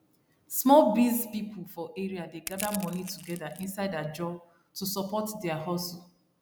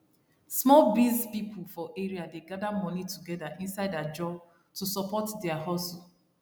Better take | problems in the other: second | background sound (Crushing); 13 dB below the speech

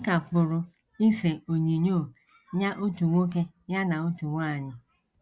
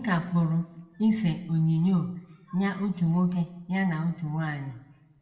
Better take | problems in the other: first | room echo; dies away in 0.7 s

